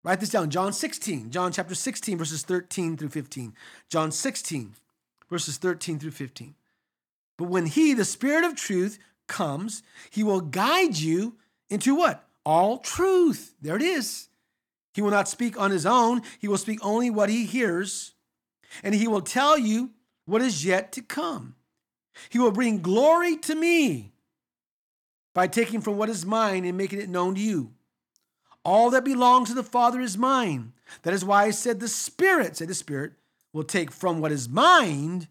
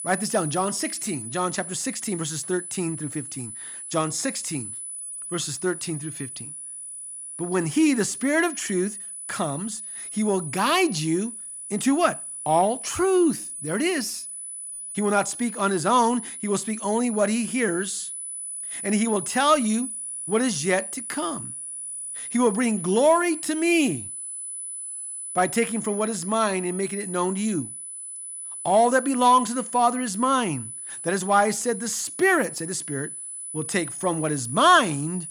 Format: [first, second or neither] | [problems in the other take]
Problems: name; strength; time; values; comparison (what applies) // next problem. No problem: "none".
first | high-pitched whine; loud; throughout; 10 kHz, 8 dB below the speech